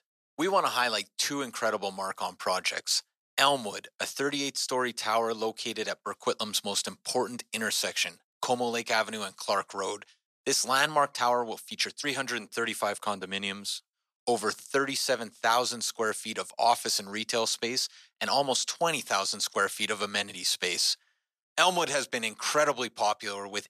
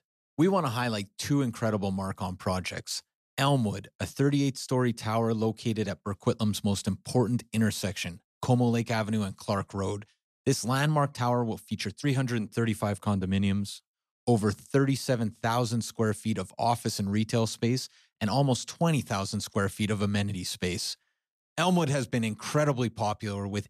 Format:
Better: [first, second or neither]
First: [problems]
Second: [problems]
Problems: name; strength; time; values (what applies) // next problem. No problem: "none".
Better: second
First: thin; very; fading below 550 Hz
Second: none